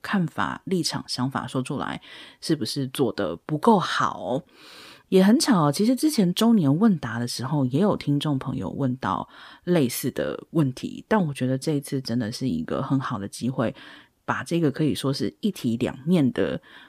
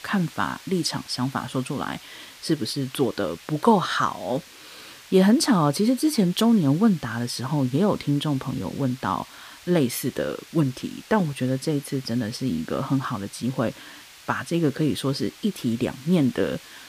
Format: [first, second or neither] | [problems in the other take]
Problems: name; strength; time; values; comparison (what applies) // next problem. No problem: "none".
first | hiss; noticeable; throughout; 20 dB below the speech